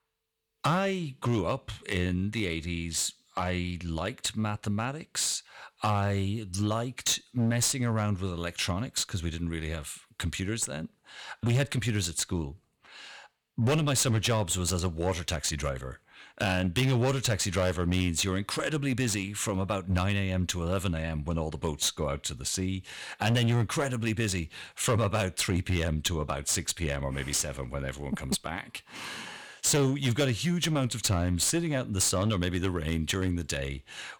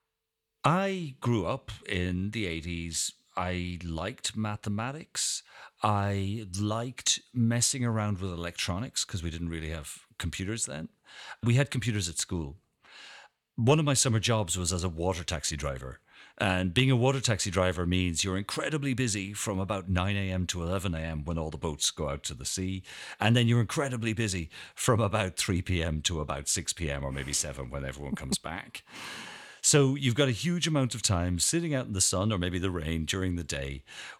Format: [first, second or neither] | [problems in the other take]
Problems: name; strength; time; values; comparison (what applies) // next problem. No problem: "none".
second | distortion; slight; 7% of the sound clipped